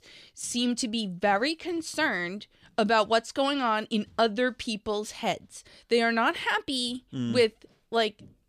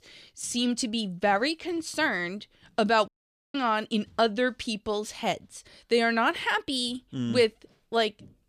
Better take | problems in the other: first | audio cutting out; at 3 s

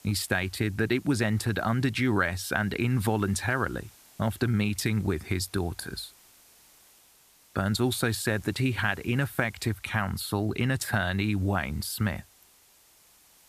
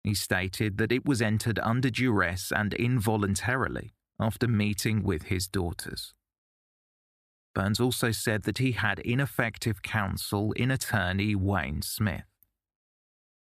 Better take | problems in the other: second | hiss; faint; throughout; 25 dB below the speech

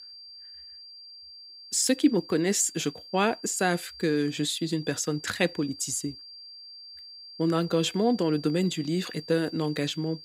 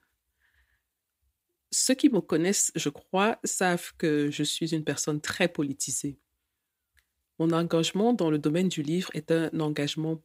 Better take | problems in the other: second | high-pitched whine; noticeable; throughout; 4.5 kHz, 15 dB below the speech

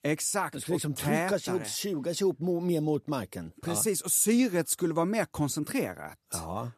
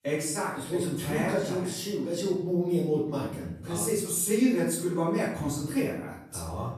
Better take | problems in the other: first | room echo; noticeable; dies away in 0.7 s // off-mic speech; far

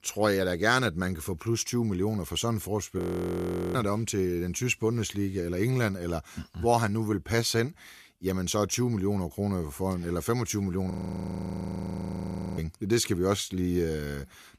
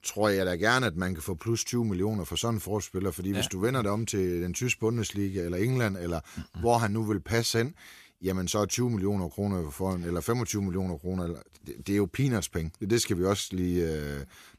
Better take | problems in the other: second | audio freezing; at 3 s for 1 s and at 11 s for 1.5 s

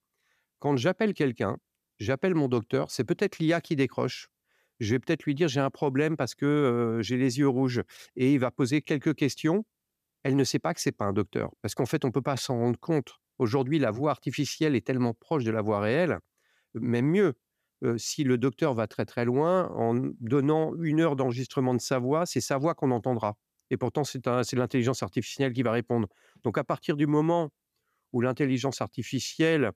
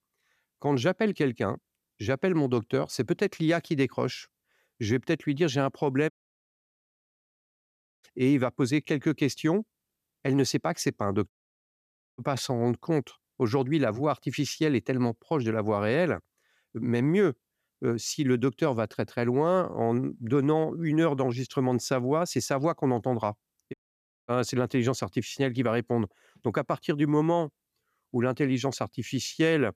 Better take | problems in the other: first | audio cutting out; at 6 s for 2 s, at 11 s for 1 s and at 24 s for 0.5 s

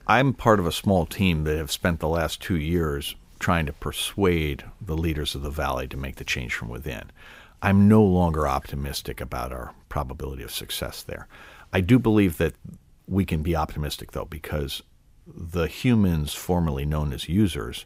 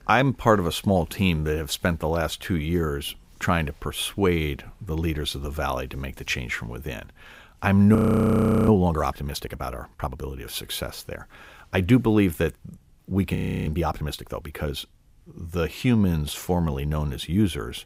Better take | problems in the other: first | audio freezing; at 8 s for 0.5 s and at 13 s

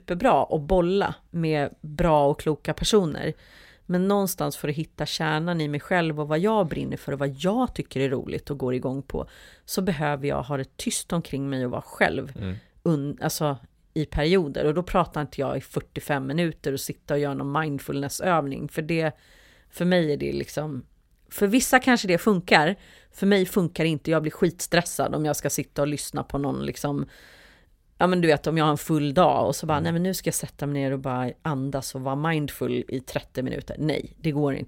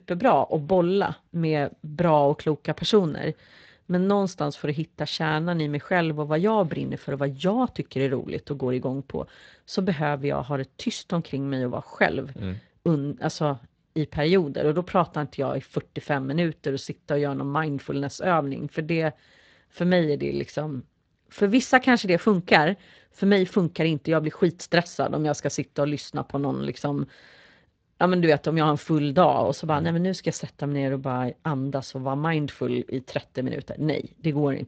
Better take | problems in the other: first | garbled, watery; slightly; nothing above 7.5 kHz

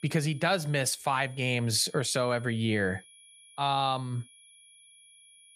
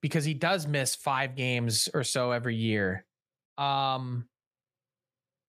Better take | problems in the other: second | high-pitched whine; faint; throughout; 10.5 kHz, 25 dB below the speech

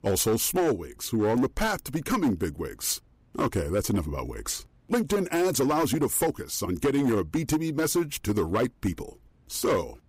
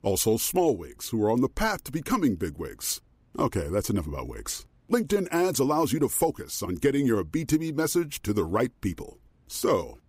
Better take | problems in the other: second | distortion; slight; 8% of the sound clipped

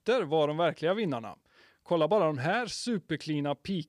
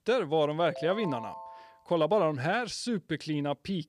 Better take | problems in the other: first | phone ringing; faint; from 0.5 to 1.5 s; peak 10 dB below the speech

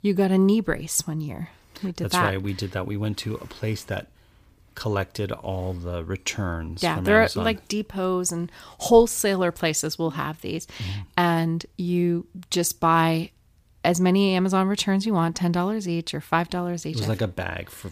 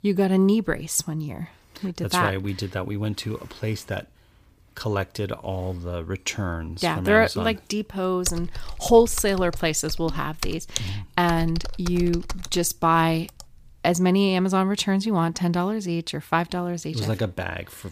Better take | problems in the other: first | keyboard typing; noticeable; from 8.5 to 13 s; peak 5 dB below the speech

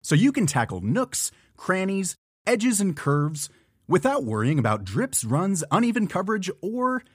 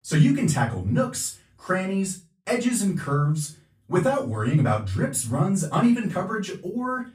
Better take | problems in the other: first | off-mic speech; far // room echo; slight; dies away in 0.3 s

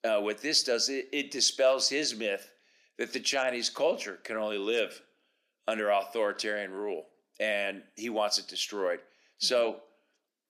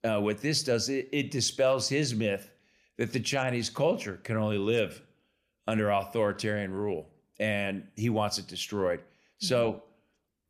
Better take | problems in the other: second | thin; somewhat; fading below 250 Hz

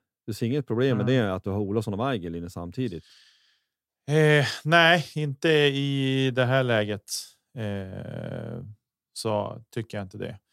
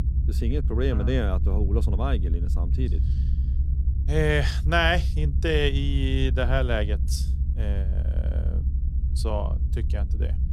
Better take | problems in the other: first | low rumble; noticeable; throughout; 15 dB below the speech

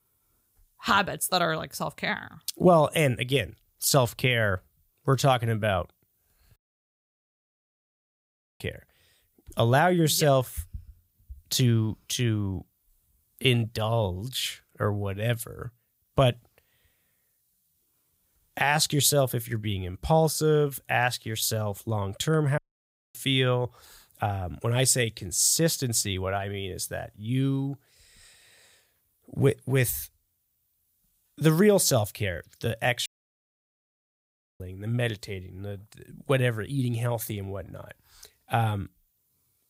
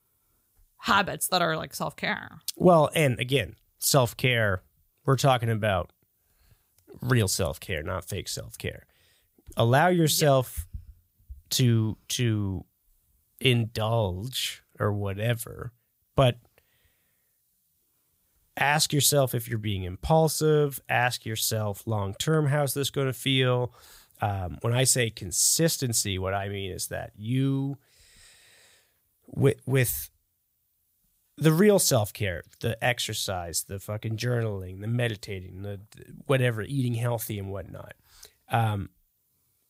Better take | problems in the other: second | audio cutting out; at 6.5 s for 2 s, at 23 s for 0.5 s and at 33 s for 1.5 s

